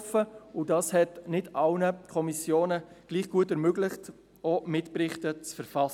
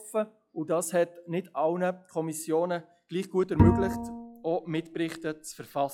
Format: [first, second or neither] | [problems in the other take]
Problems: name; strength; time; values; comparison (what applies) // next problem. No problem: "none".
first | noise reduction (classical method log-MMSE)